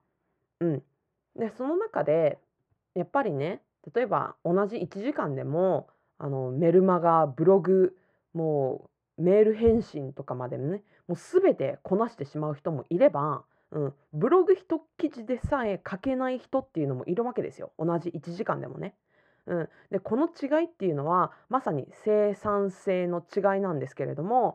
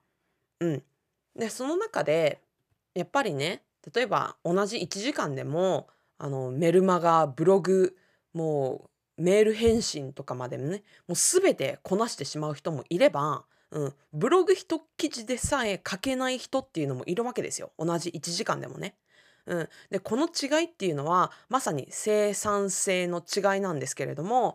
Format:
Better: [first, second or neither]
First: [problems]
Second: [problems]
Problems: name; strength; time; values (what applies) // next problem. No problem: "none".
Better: second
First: muffled; very; fading above 3 kHz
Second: none